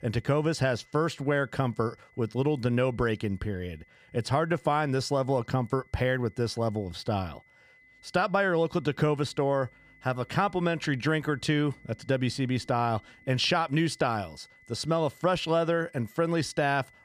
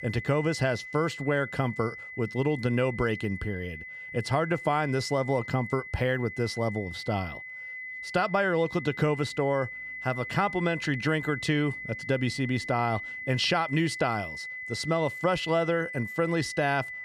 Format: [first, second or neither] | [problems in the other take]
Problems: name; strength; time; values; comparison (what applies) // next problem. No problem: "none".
first | high-pitched whine; loud; throughout; 2 kHz, 9 dB below the speech; faint in the first